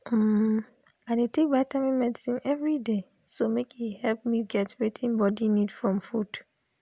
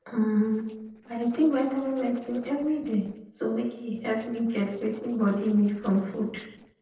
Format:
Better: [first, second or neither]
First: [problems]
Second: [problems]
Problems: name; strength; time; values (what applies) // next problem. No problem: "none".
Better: first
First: none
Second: noise reduction (neural separator model SepFormer DNS4)